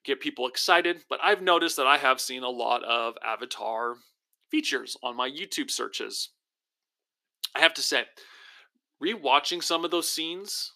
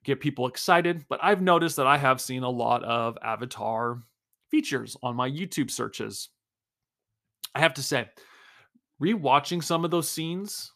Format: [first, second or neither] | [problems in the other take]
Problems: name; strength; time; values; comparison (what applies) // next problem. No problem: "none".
second | thin; somewhat; fading below 300 Hz